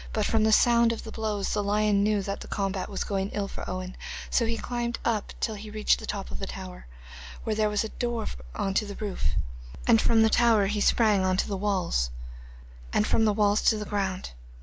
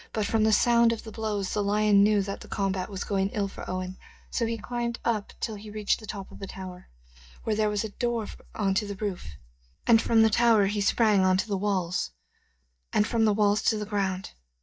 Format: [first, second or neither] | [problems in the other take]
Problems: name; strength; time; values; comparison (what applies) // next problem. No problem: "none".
first | noise reduction (neural mask model DeepFilterNet 3)